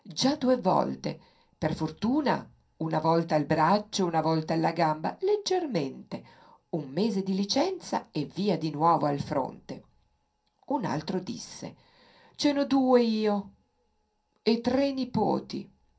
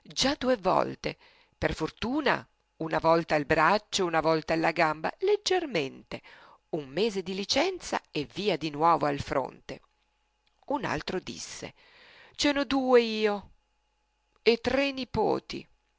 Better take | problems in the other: second | room echo; dies away in 0.3 s

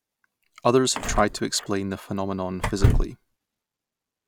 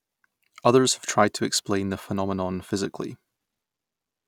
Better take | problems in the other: second | background sound (Door / Car); as loud as the speech

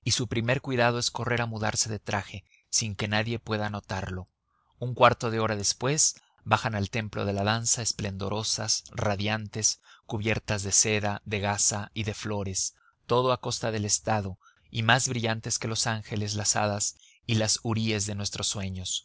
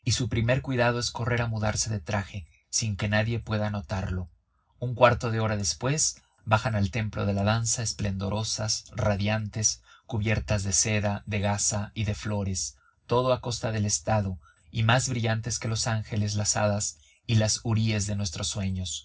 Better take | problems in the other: first | room echo; dies away in 0.4 s

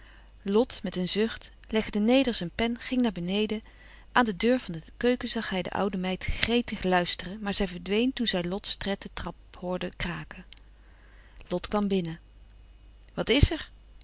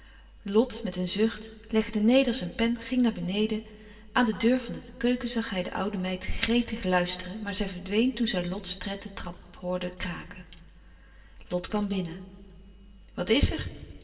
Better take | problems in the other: first | room echo; dies away in 1.7 s

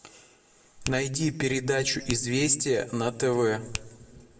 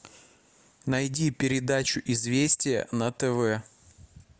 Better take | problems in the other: second | background sound (Finger snapping); 13 dB below the speech // room echo; dies away in 1.1 s

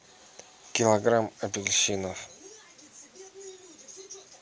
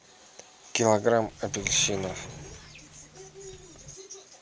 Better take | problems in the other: first | background sound (Sliding door); 14 dB below the speech

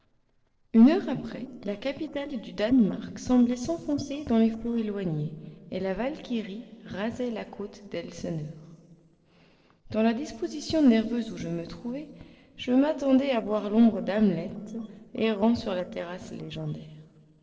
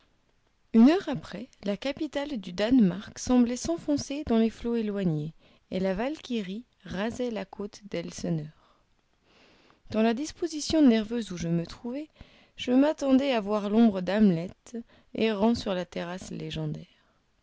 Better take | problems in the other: second | noise reduction (neural separator model SepFormer DNS4)

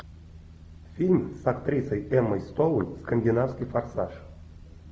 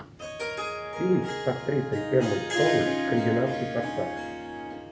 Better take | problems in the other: first | background sound (Harp); 2 dB below the speech // room echo; dies away in 0.3 s

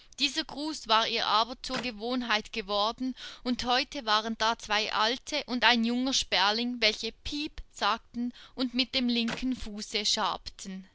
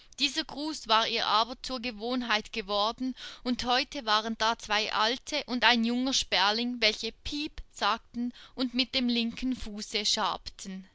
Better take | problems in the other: second | background sound (Clapping); 15 dB below the speech

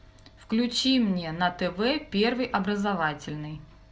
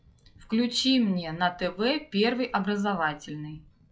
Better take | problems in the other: first | noise reduction (classical method log-MMSE)

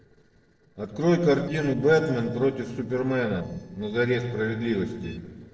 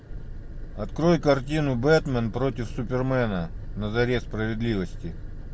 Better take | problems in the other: second | noise reduction (neural separator model SepFormer DNS4)

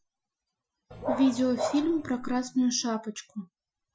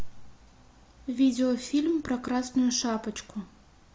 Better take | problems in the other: second | noise reduction (classical method Wiener filter)

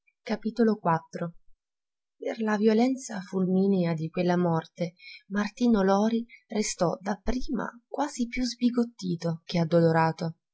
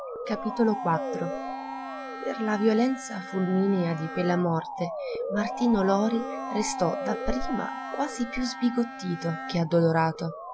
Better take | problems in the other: first | background sound (Bowed string instrument + Motor vehicle (road) / Siren); 8 dB below the speech

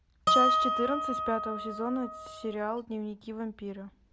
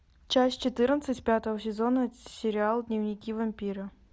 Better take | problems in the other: second | background sound (Harp); 4 dB above the speech

